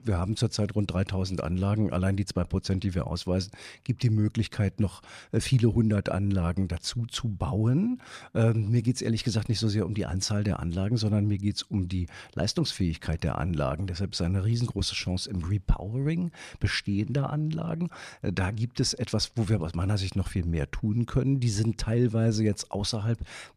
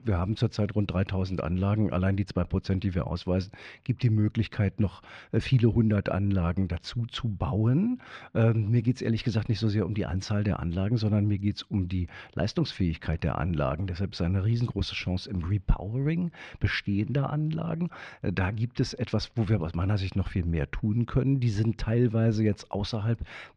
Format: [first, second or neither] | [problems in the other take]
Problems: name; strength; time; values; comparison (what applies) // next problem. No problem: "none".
first | muffled; slightly; fading above 3 kHz